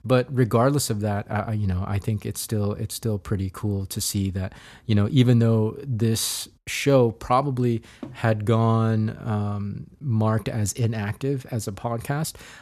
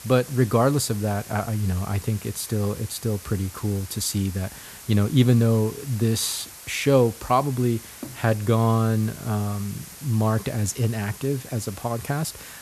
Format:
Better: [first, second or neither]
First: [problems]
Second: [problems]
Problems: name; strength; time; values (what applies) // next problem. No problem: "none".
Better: first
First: none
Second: hiss; noticeable; throughout; 15 dB below the speech